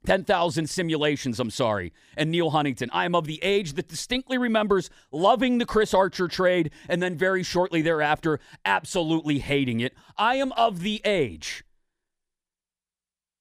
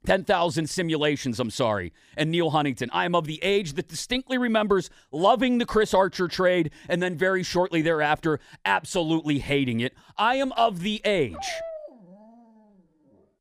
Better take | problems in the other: first | dog barking; faint; from 11 to 12 s; peak 10 dB below the speech

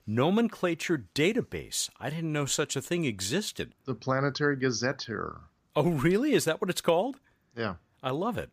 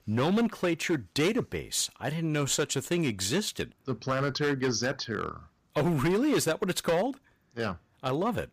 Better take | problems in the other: first | distortion; slight; 8% of the sound clipped

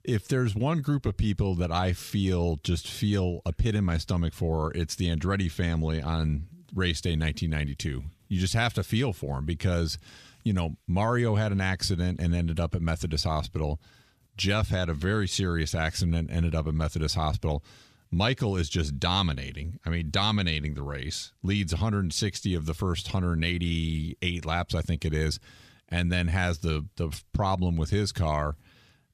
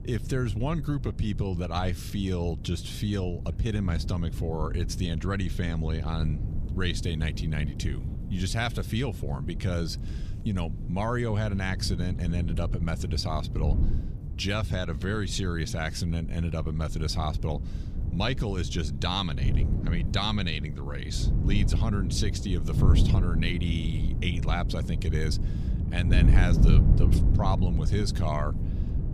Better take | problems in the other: first | wind noise on the microphone; heavy; 9 dB below the speech

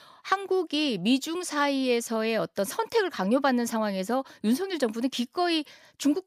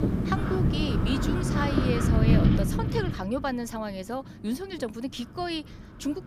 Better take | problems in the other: first | wind noise on the microphone; heavy; 1 dB above the speech

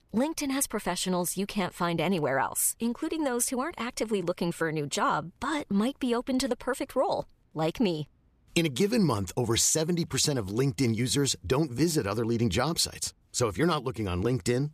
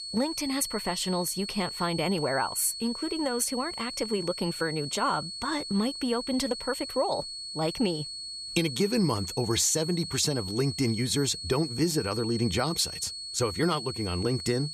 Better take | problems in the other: first | high-pitched whine; loud; throughout; 4.5 kHz, 7 dB below the speech

